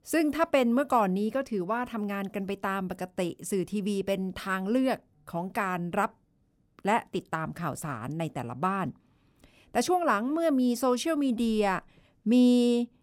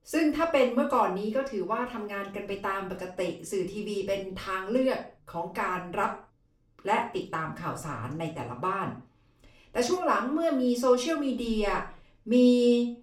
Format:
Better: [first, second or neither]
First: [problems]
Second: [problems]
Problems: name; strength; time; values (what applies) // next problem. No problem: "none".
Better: first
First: none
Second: room echo; slight; dies away in 0.3 s // off-mic speech; far